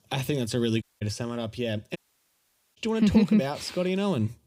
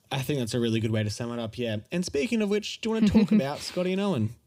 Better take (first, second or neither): second